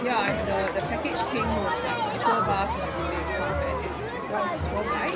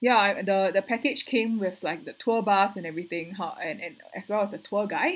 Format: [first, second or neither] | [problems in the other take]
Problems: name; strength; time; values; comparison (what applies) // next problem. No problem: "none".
second | background sound (Crowd); 4 dB above the speech